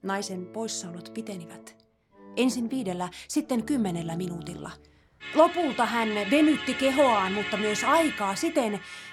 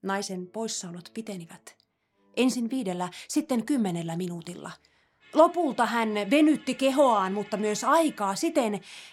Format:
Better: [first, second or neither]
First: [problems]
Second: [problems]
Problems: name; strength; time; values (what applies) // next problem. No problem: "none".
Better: second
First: background music; loud; throughout; 8 dB below the speech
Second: background music; faint; throughout; 25 dB below the speech